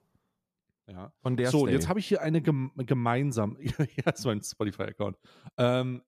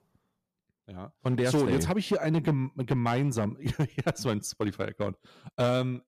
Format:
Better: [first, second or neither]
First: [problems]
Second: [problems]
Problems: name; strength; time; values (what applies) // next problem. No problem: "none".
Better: first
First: none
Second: distortion; slight; 5% of the sound clipped